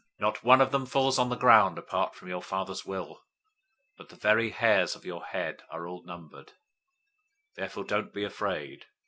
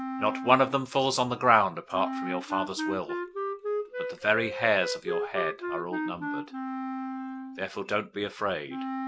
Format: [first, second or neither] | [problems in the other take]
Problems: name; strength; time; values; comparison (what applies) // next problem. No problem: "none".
first | background sound (Wind instrument, woodwind instrument); 6 dB below the speech